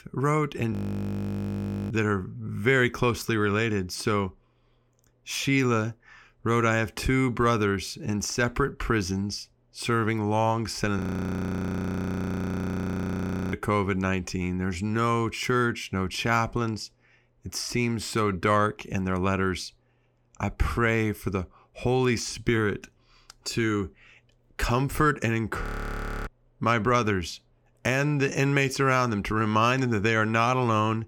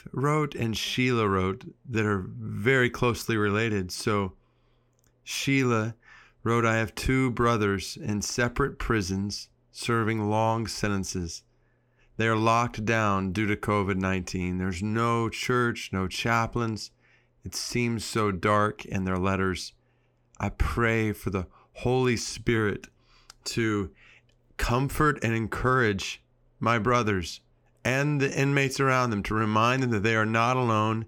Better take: second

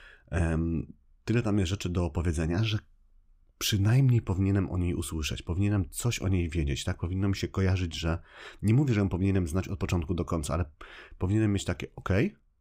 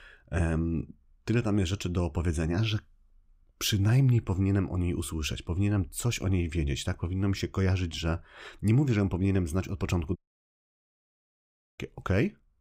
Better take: first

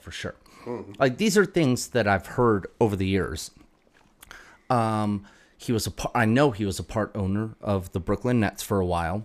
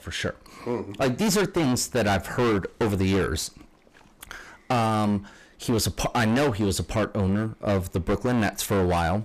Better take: first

